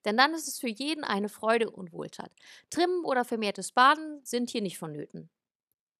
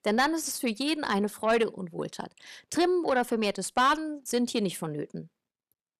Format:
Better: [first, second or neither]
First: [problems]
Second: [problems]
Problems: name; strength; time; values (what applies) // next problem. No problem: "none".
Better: first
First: none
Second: distortion; heavy; 7 dB below the speech